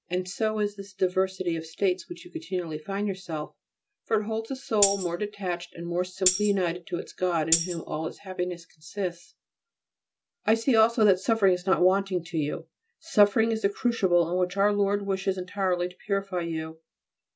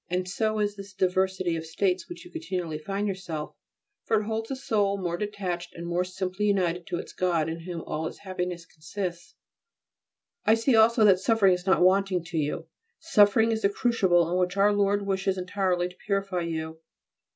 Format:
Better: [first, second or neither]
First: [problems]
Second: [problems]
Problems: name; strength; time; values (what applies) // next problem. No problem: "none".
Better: second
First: background sound (Tambourine); 5 dB below the speech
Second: none